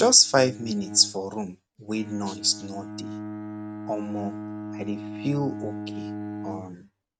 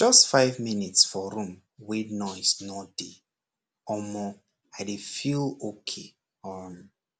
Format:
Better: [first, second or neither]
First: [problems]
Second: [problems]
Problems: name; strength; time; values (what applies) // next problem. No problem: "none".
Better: second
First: noise reduction (neural mask model RNNoise)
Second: none